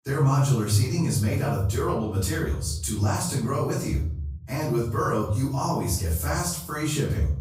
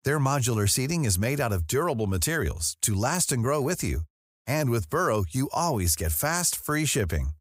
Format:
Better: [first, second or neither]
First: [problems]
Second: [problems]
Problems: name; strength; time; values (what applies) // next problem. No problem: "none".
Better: second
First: off-mic speech; far // room echo; noticeable; dies away in 0.9 s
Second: none